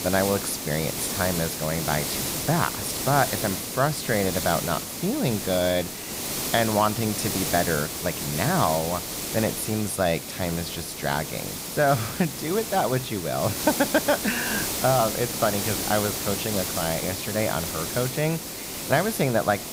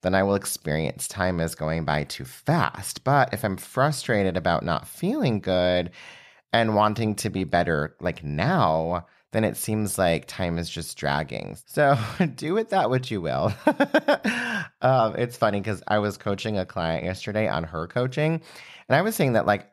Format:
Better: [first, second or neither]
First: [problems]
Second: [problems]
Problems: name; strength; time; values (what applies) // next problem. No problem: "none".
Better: second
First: hiss; loud; throughout; 3 dB below the speech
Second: none